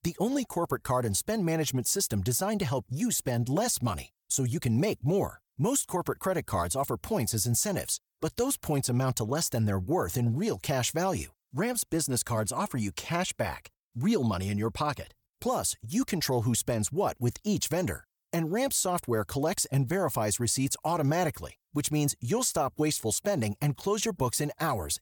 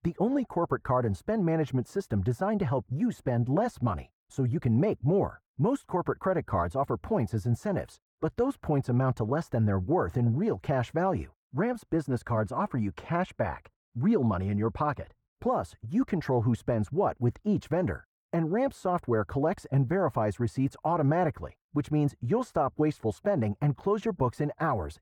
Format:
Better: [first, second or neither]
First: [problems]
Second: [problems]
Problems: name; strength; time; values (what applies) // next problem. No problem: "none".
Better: first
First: none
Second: muffled; very; fading above 3 kHz